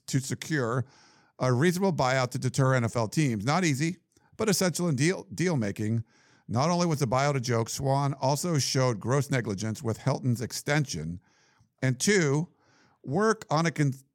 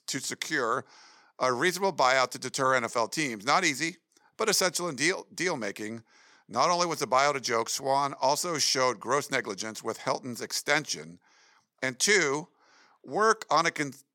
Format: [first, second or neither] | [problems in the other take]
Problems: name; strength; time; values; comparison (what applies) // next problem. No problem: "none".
first | thin; very; fading below 400 Hz